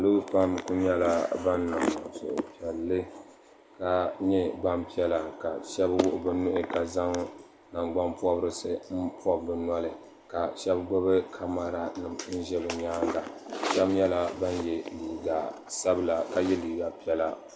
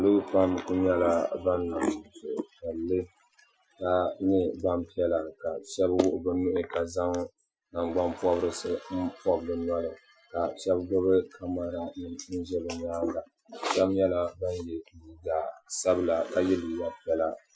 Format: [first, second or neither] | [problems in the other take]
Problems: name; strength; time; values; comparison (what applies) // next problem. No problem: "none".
first | noise reduction (classical method Wiener filter)